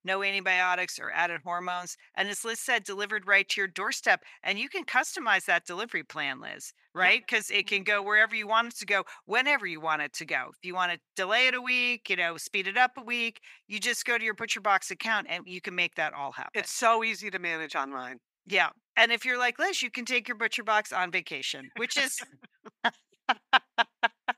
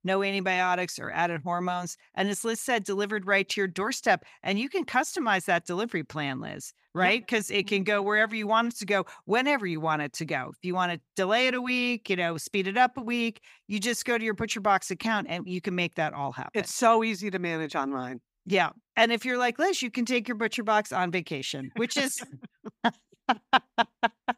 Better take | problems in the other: second | thin; somewhat; fading below 700 Hz

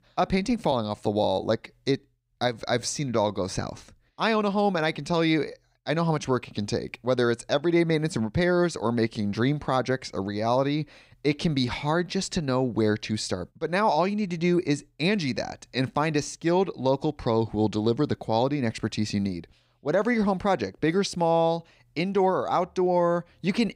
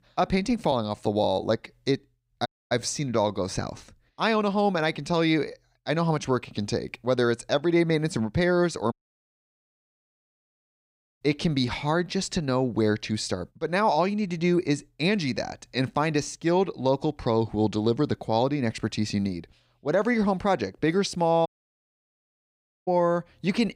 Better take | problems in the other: first | audio cutting out; at 2.5 s, at 9 s for 2.5 s and at 21 s for 1.5 s

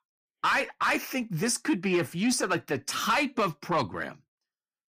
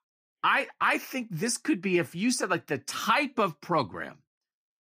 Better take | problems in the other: second | distortion; slight; 10 dB below the speech

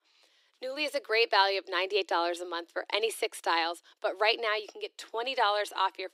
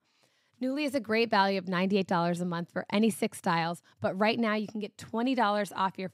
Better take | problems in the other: second | thin; very; fading below 350 Hz

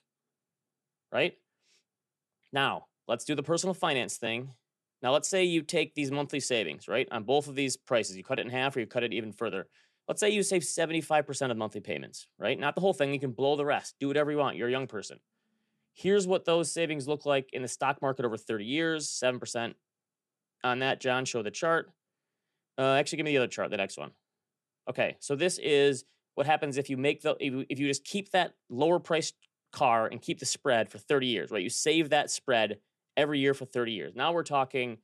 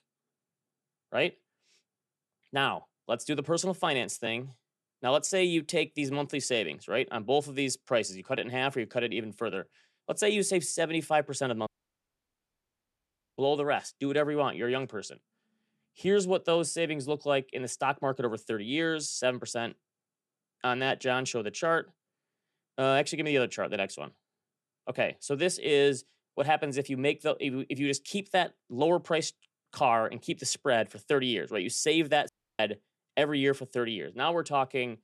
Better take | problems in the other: first | audio cutting out; at 12 s for 1.5 s and at 32 s

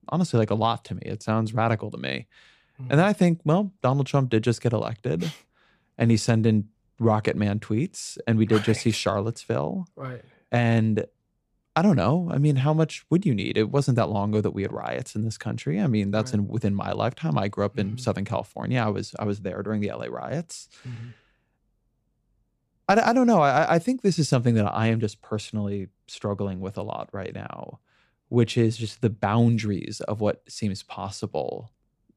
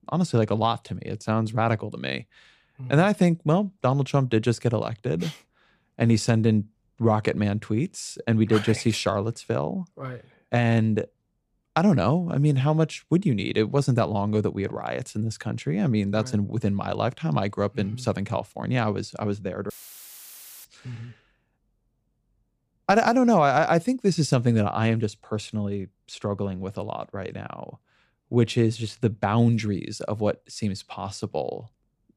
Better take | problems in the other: first | audio cutting out; filled with static; at 20 s for 1 s

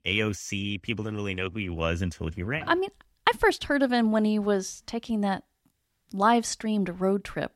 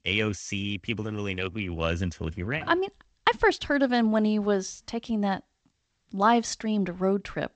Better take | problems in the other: first | garbled, watery; slightly; nothing above 7.5 kHz

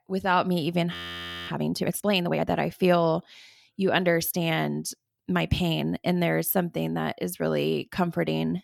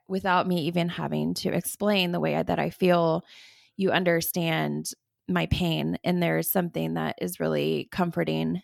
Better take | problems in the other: second | audio freezing; at 1 s for 0.5 s

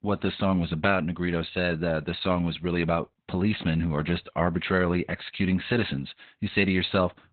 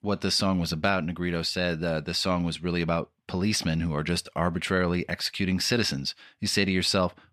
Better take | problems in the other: second | garbled, watery; badly; nothing above 4 kHz

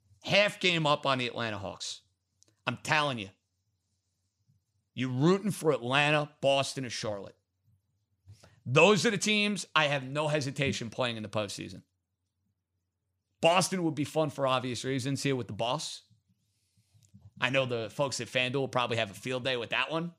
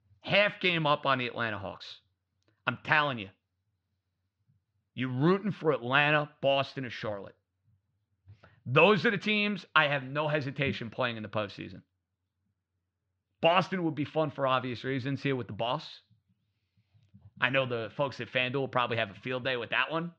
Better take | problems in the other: first | muffled; slightly; fading above 3.5 kHz

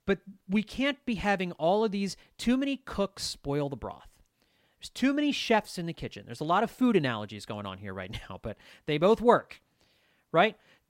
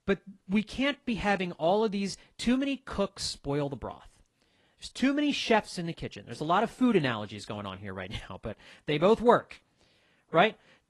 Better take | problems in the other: first | garbled, watery; slightly; nothing above 11 kHz

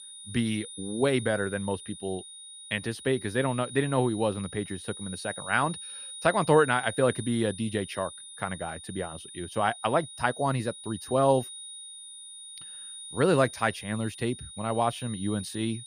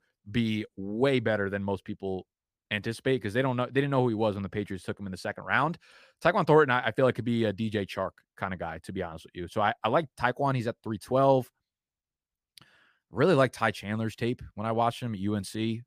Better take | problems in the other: second | high-pitched whine; noticeable; throughout; 9.5 kHz, 10 dB below the speech

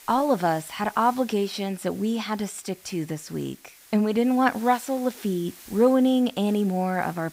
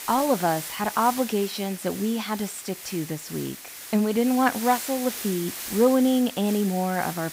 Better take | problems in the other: first | hiss; loud; throughout; 10 dB below the speech; faint in the first

